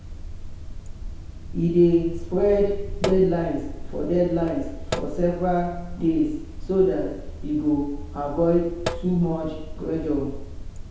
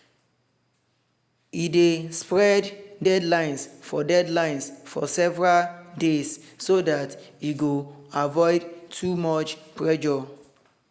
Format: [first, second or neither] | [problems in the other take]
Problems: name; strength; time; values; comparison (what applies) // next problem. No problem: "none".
second | background sound (Sink (filling or washing)); 8 dB below the speech // room echo; dies away in 0.8 s